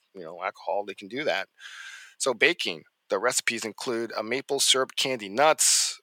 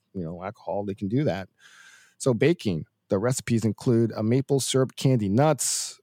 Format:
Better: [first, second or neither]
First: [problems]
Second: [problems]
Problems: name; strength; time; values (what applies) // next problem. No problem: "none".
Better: second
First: thin; very; fading below 600 Hz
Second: none